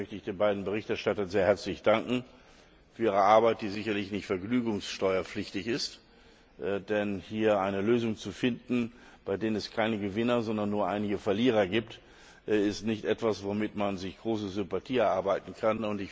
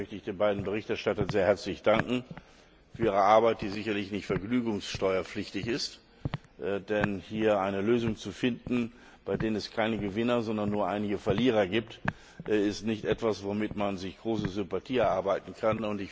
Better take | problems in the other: first | background sound (Walk, footsteps); 13 dB below the speech

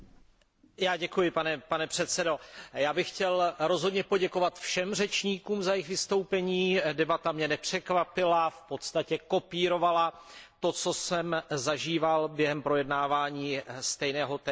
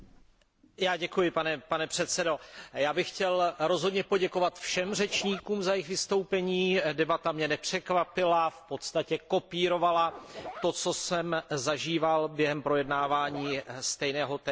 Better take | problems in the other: first | background sound (Zipper (clothing)); 16 dB below the speech

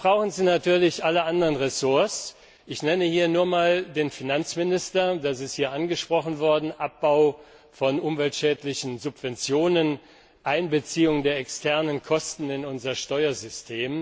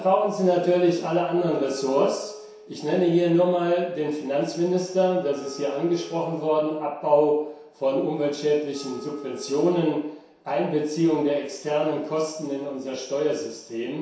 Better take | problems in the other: first | background sound (Wind instrument, woodwind instrument); 19 dB below the speech // room echo; dies away in 0.7 s

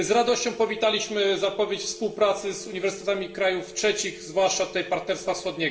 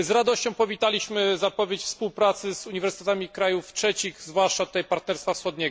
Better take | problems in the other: second | background sound (Telephone); 18 dB below the speech // room echo; dies away in 0.9 s

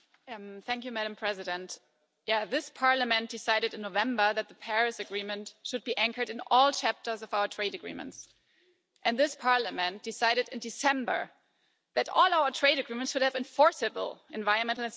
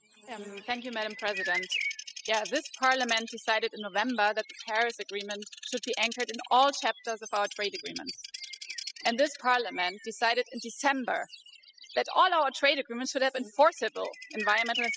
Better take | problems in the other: first | noise reduction (classical method spectral subtraction)

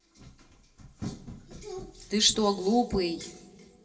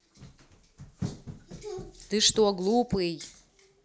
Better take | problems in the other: second | room echo; dies away in 1.9 s

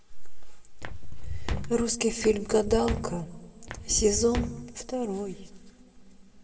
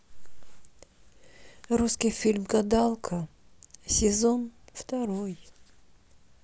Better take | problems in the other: second | background sound (Walk, footsteps); 8 dB below the speech // room echo; dies away in 2.2 s

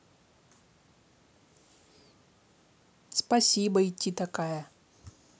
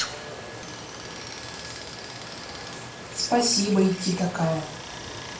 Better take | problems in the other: first | background sound (Stream); 8 dB below the speech // room echo; dies away in 0.3 s

